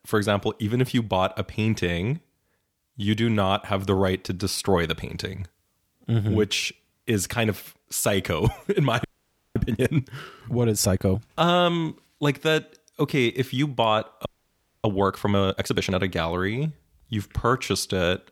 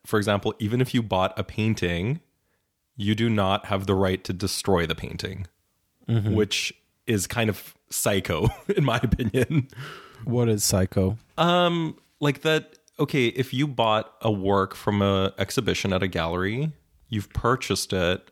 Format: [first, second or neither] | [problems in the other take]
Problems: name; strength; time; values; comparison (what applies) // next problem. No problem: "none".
second | audio freezing; at 9 s for 0.5 s and at 14 s for 0.5 s